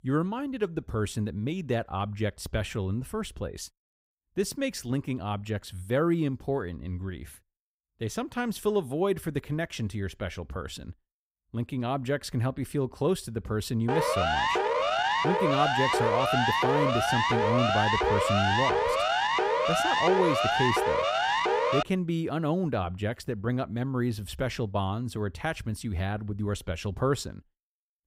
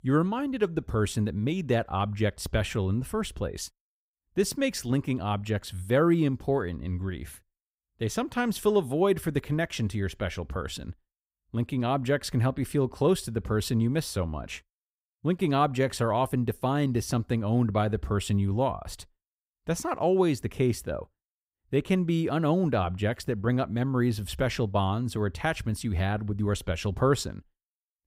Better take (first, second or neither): second